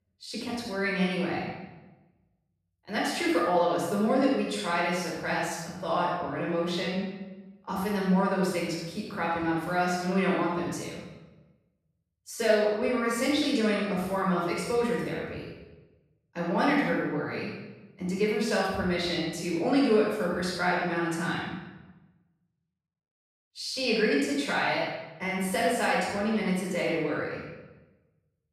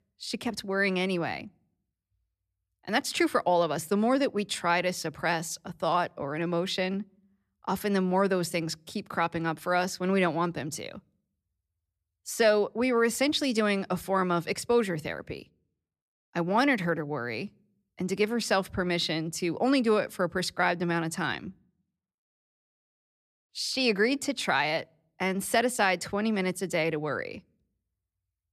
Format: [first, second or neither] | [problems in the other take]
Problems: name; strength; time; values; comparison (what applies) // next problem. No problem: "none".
second | off-mic speech; far // room echo; strong; dies away in 0.9 s